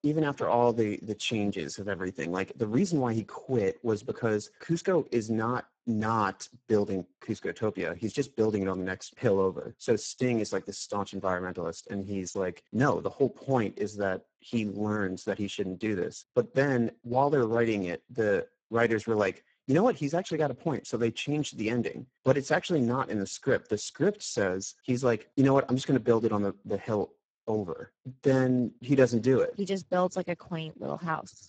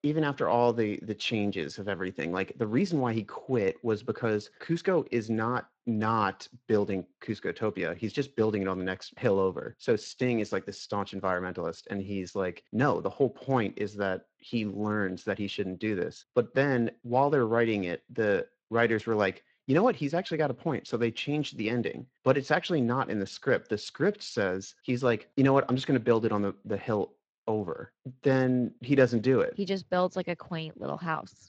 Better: second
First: garbled, watery; badly; nothing above 8 kHz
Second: garbled, watery; slightly; nothing above 7.5 kHz

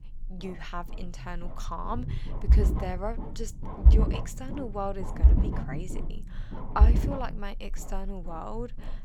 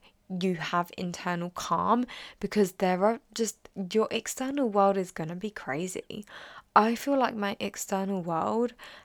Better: second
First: low rumble; loud; throughout; 5 dB below the speech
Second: none

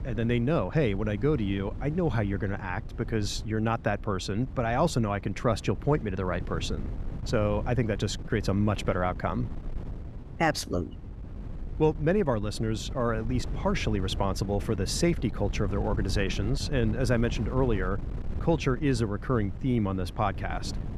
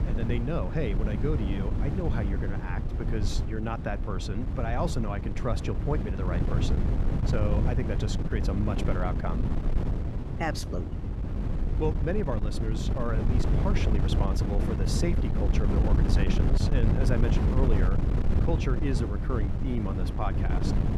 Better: first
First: wind noise on the microphone; occasional gusts; 15 dB below the speech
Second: wind noise on the microphone; heavy; 3 dB below the speech

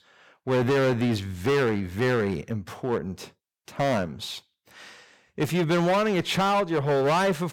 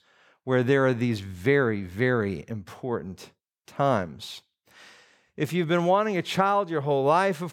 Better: second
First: distortion; heavy; 13% of the sound clipped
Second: none

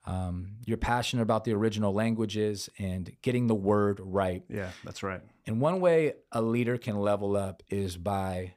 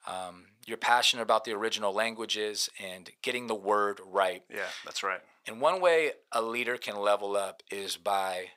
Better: first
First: none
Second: thin; very; fading below 750 Hz

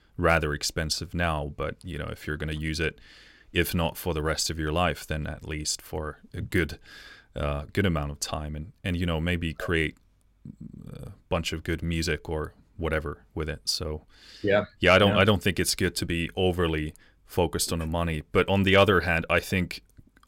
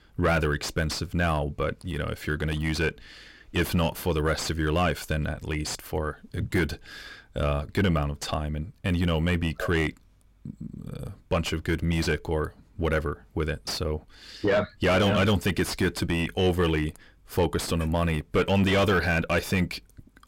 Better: first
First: none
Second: distortion; heavy; 7 dB below the speech

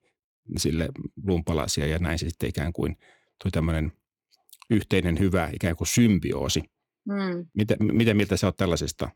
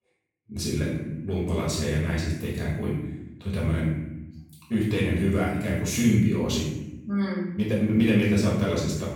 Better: first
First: none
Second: off-mic speech; far // room echo; noticeable; dies away in 0.9 s

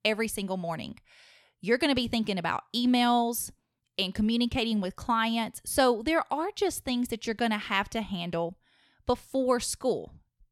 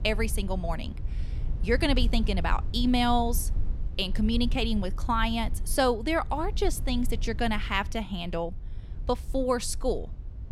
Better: first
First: none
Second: low rumble; faint; throughout; 20 dB below the speech

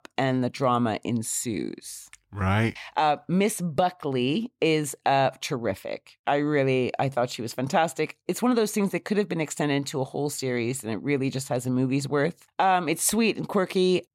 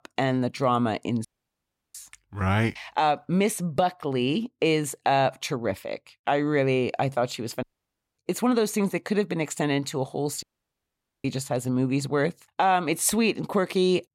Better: first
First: none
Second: audio cutting out; at 1.5 s for 0.5 s, at 7.5 s for 0.5 s and at 10 s for 1 s

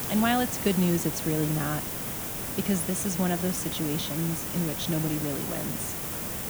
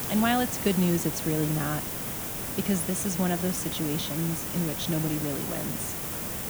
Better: neither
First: hiss; loud; throughout; 2 dB below the speech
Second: hiss; loud; throughout; 2 dB below the speech

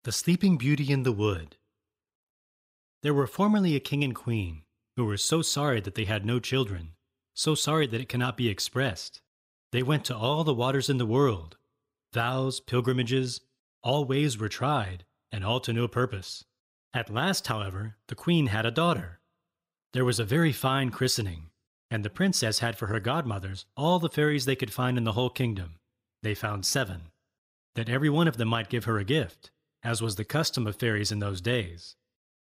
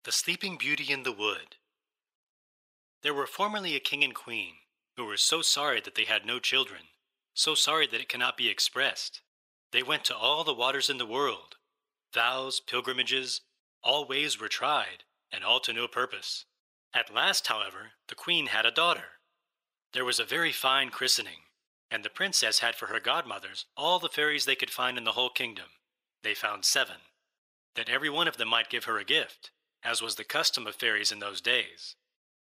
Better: first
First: none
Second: thin; very; fading below 600 Hz

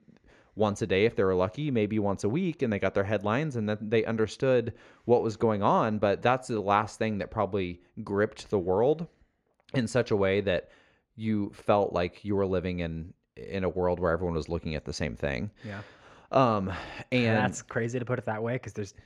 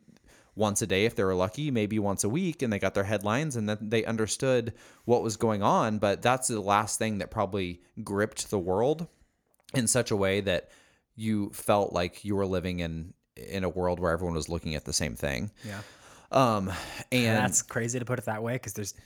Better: second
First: muffled; slightly; fading above 3.5 kHz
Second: none

